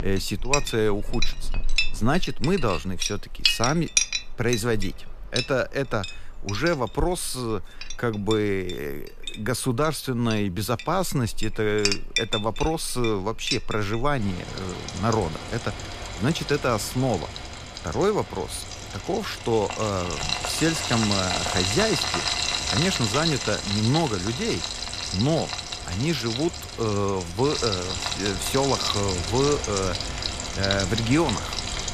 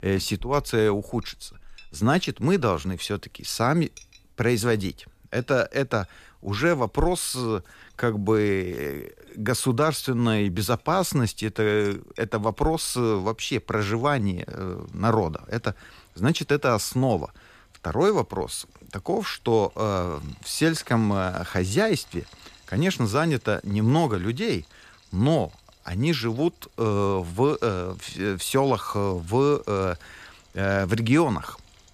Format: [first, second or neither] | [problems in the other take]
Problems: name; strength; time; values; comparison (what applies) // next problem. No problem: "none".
second | household noises; loud; throughout; 2 dB below the speech; faint in the second